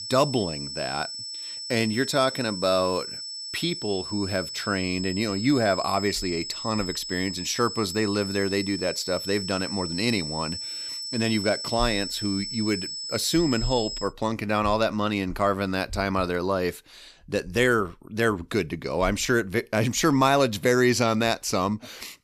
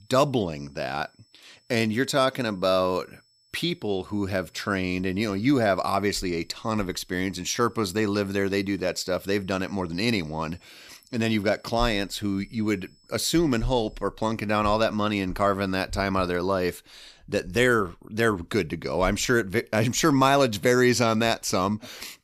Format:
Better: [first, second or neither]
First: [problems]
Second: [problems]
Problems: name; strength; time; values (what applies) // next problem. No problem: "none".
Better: second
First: high-pitched whine; loud; until 14 s; 5.5 kHz, 6 dB below the speech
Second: high-pitched whine; faint; until 14 s; 5.5 kHz, 35 dB below the speech